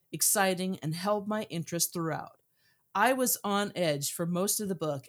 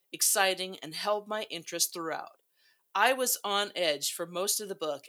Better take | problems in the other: first | thin; somewhat; fading below 450 Hz

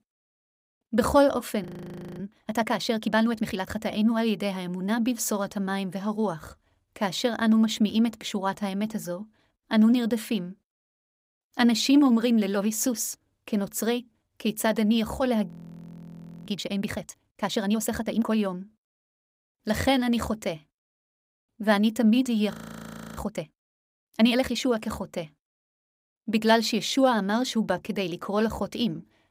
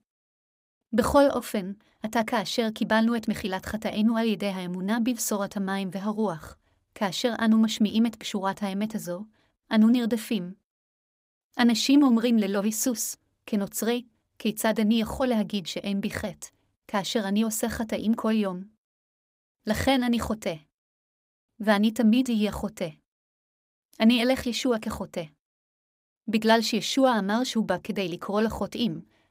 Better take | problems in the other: second | audio freezing; at 1.5 s for 0.5 s, at 15 s for 1 s and at 23 s for 0.5 s

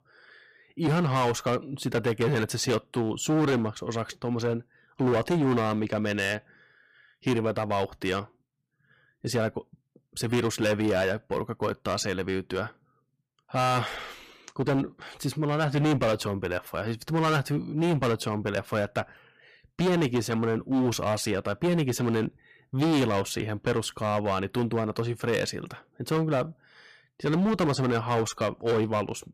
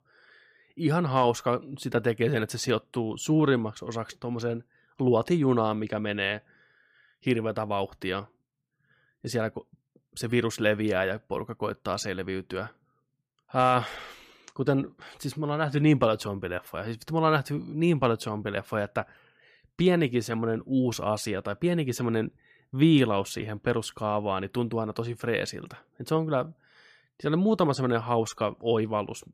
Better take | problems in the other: second | distortion; heavy; 11% of the sound clipped

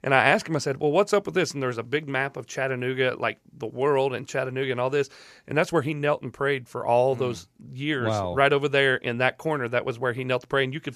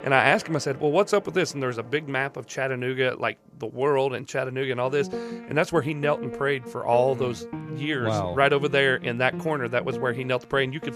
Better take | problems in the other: first | background music; noticeable; throughout; 15 dB below the speech

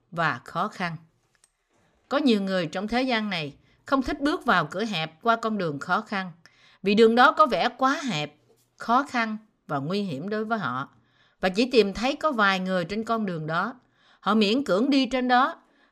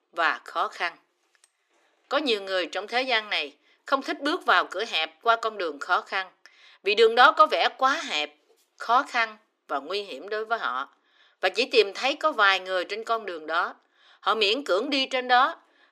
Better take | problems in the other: first | thin; somewhat; fading below 350 Hz

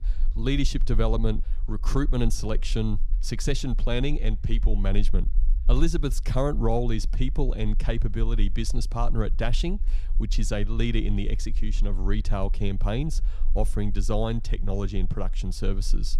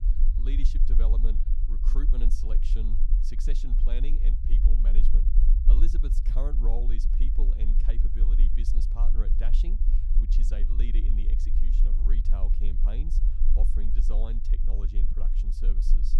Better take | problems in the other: first | low rumble; loud; throughout; 4 dB below the speech; faint in the first

